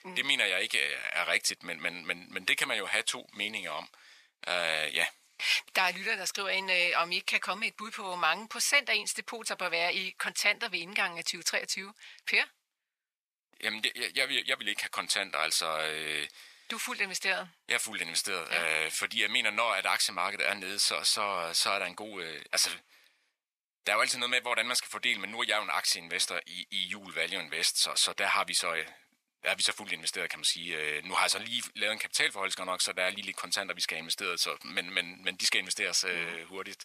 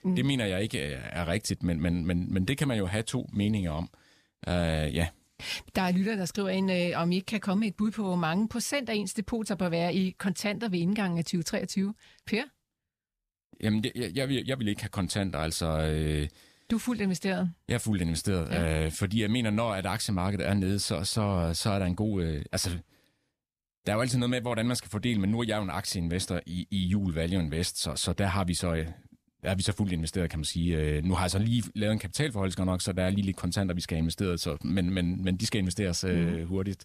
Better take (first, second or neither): second